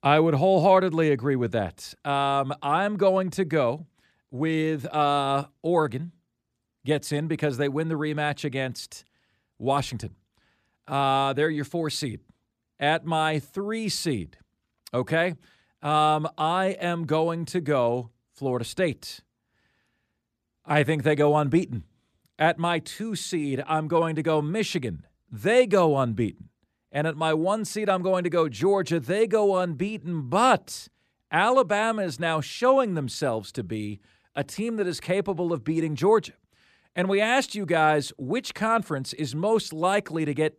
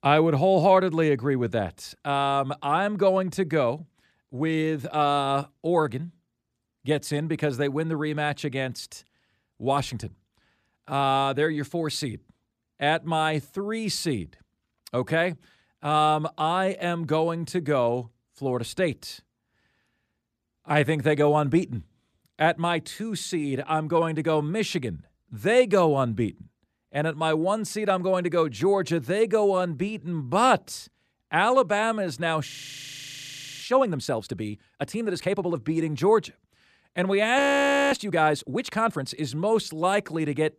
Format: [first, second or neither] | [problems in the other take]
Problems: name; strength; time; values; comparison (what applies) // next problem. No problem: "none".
first | audio freezing; at 32 s for 1 s and at 37 s for 0.5 s